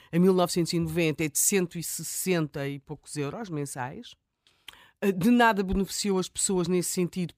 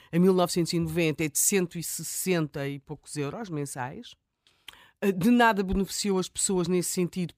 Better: neither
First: none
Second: none

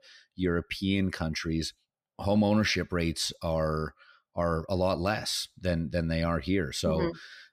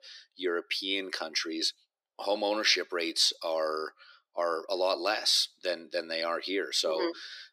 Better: first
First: none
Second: thin; very; fading below 350 Hz

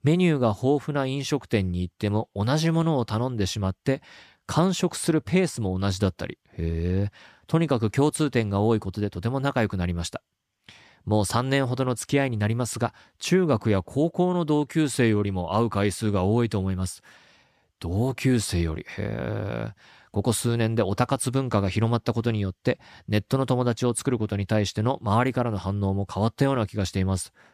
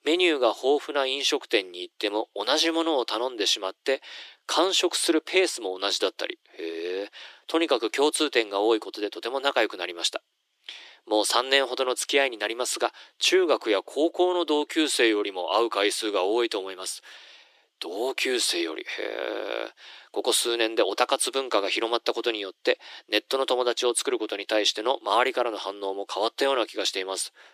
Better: first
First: none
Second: thin; very; fading below 350 Hz

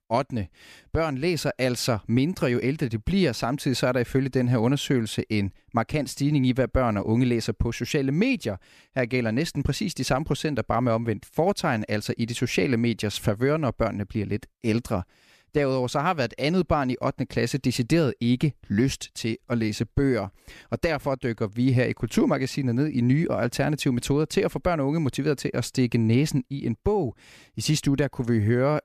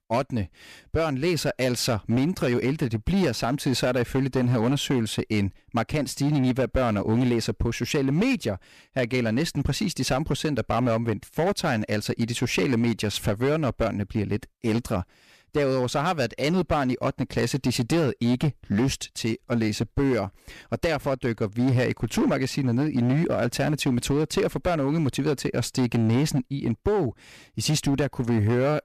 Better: first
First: none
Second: distortion; slight; 10% of the sound clipped

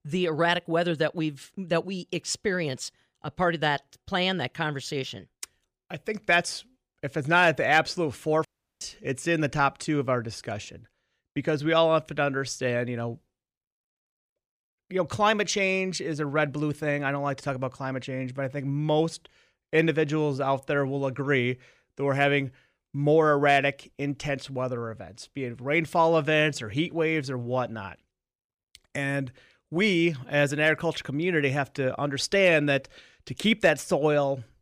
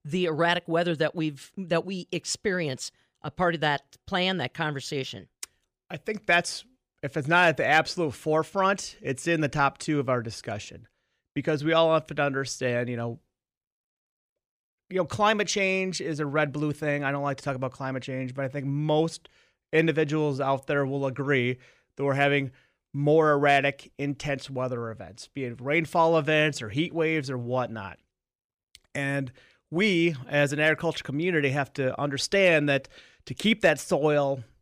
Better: second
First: audio cutting out; at 8.5 s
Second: none

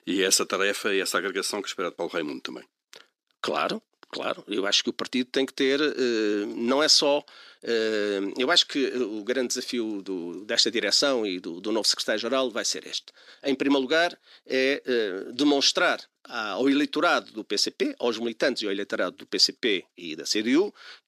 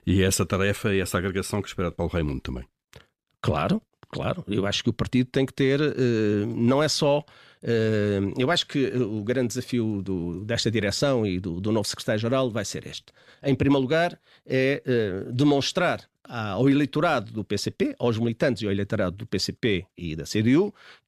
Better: second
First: thin; very slightly; fading below 300 Hz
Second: none

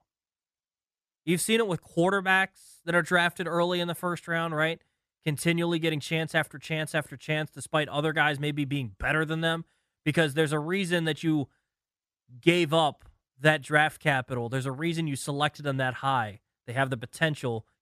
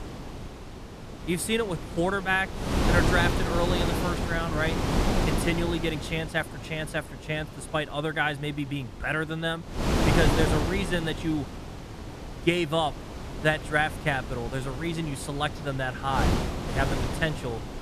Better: first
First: none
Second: wind noise on the microphone; heavy; 4 dB below the speech

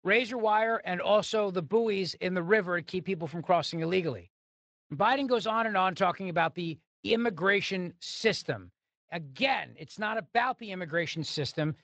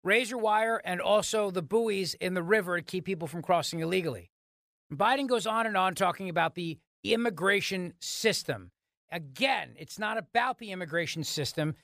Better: second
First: garbled, watery; slightly; nothing above 8 kHz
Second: none

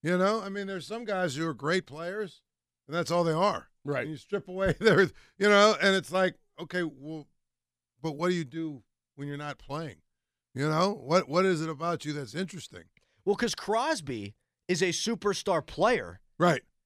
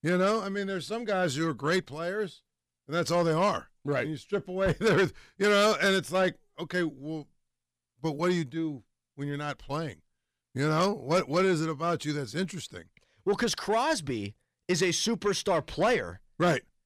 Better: first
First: none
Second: distortion; slight; 10 dB below the speech

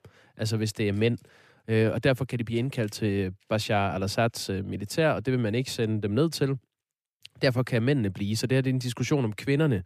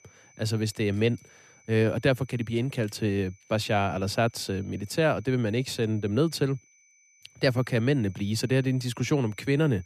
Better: first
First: none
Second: high-pitched whine; faint; throughout; 6 kHz, 30 dB below the speech

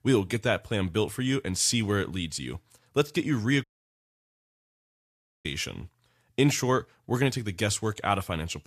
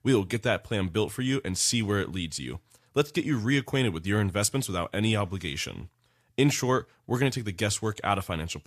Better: second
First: audio cutting out; at 3.5 s for 2 s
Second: none

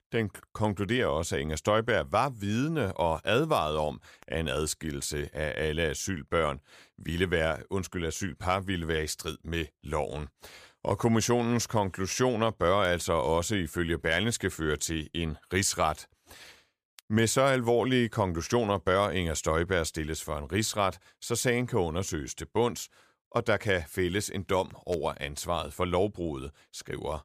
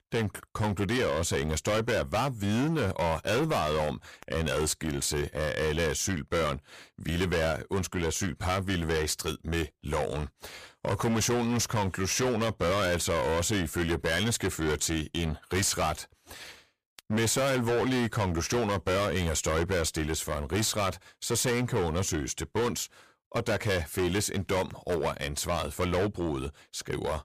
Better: first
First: none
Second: distortion; heavy; 18% of the sound clipped

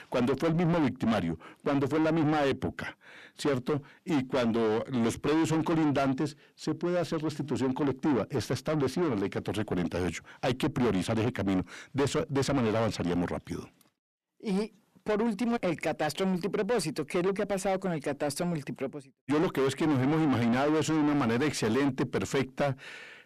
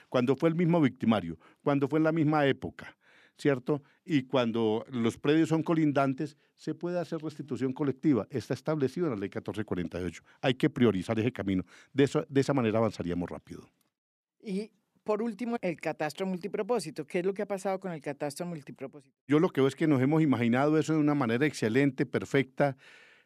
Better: second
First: distortion; heavy; 5 dB below the speech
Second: none

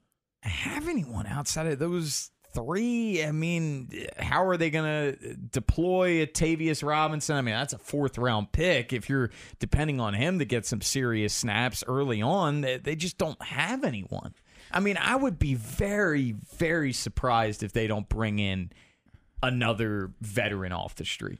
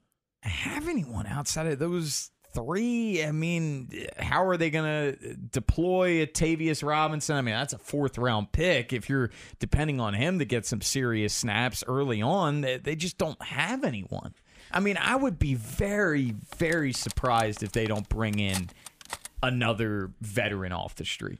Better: first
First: none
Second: clattering dishes; noticeable; from 17 to 19 s; peak 8 dB below the speech

